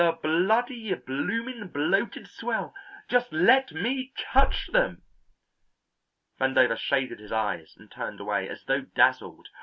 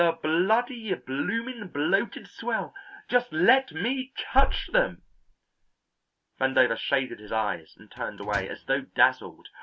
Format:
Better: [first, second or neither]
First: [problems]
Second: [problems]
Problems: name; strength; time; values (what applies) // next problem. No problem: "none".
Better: first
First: none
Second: background sound (Microwave oven); 19 dB below the speech